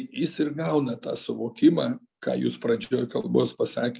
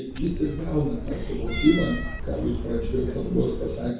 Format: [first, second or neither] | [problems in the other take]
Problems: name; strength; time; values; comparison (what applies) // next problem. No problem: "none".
first | background sound (Cat); 4 dB below the speech // room echo; dies away in 0.6 s